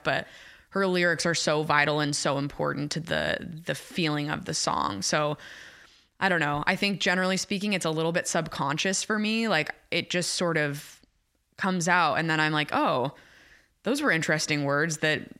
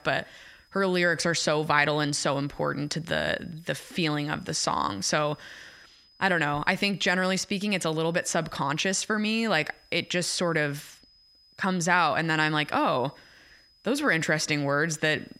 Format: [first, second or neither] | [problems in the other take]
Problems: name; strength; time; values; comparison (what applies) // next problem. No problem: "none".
first | high-pitched whine; faint; throughout; 5 kHz, 30 dB below the speech